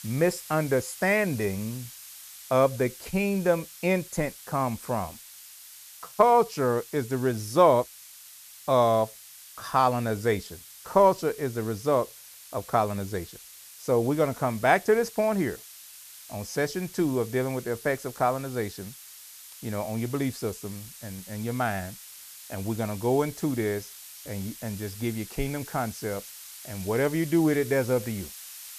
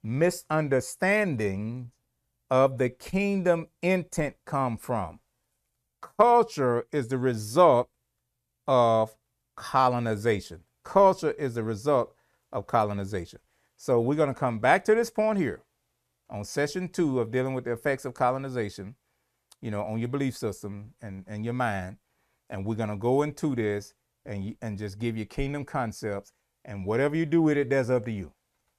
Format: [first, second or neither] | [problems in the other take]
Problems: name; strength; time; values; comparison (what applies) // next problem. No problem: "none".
second | hiss; noticeable; throughout; 15 dB below the speech